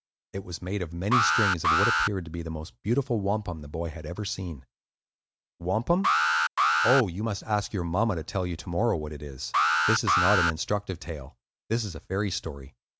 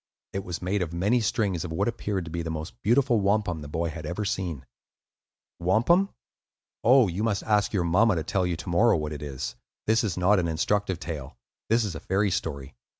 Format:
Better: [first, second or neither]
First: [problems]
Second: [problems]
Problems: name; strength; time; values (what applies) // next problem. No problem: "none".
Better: second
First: background sound (Alarm); 3 dB above the speech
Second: none